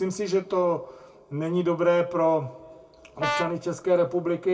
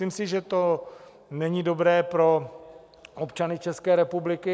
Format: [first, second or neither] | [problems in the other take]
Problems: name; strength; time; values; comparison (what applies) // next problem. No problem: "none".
second | background sound (Brass instrument); 6 dB below the speech // room echo; dies away in 0.2 s